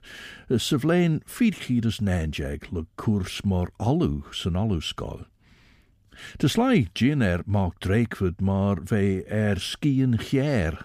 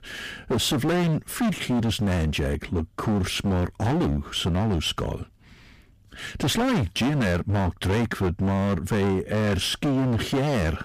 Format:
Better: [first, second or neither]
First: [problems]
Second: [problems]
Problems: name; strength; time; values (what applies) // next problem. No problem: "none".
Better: first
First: none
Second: distortion; heavy; 26% of the sound clipped